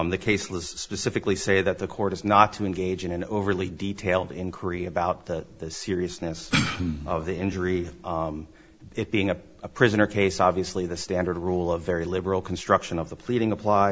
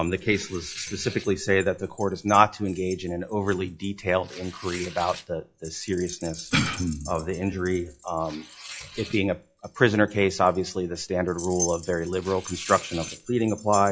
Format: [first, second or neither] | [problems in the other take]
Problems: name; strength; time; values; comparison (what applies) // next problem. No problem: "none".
first | noise reduction (classical method log-MMSE)